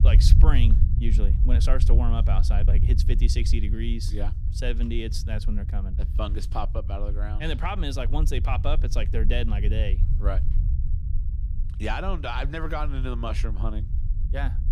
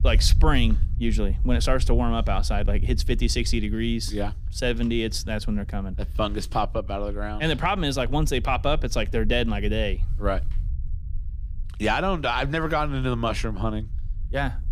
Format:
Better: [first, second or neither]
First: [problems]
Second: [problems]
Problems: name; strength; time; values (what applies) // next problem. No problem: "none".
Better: second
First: low rumble; loud; throughout; 10 dB below the speech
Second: low rumble; faint; throughout; 25 dB below the speech